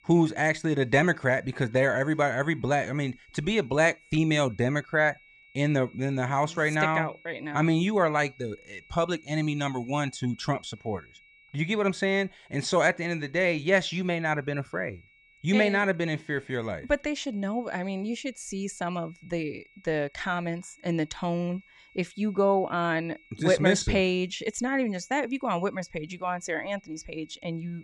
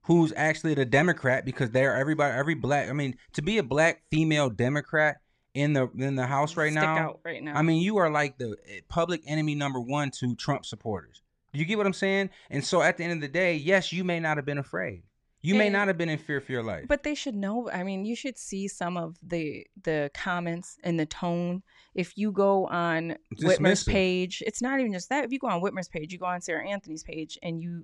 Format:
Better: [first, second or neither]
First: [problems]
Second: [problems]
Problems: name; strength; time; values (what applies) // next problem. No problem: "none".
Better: second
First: high-pitched whine; faint; throughout; 2.5 kHz, 30 dB below the speech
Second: none